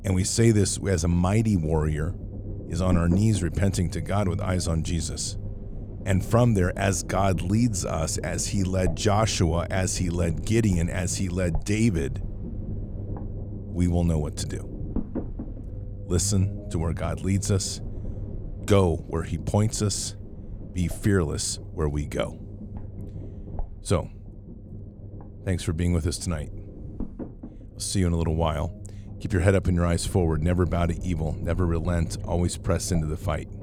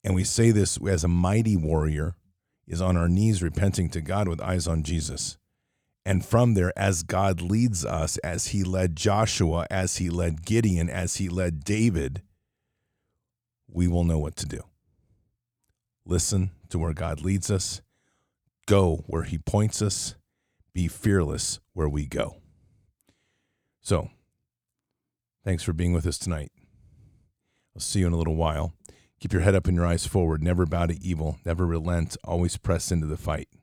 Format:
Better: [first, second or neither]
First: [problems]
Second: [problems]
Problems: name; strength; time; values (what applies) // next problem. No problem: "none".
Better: second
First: low rumble; noticeable; throughout; 15 dB below the speech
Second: none